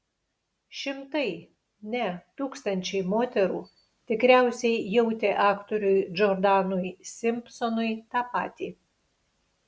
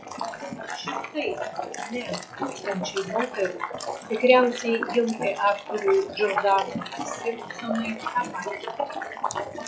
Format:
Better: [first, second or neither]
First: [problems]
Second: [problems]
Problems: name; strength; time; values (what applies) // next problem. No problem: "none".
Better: first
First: none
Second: noise reduction (classical method log-MMSE)